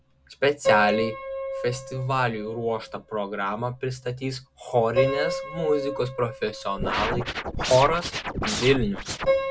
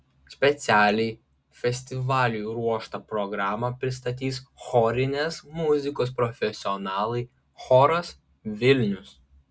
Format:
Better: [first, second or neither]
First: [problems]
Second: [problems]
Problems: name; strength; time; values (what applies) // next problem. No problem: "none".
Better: second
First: background sound (Piano + Scratching (performance technique)); 4 dB below the speech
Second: none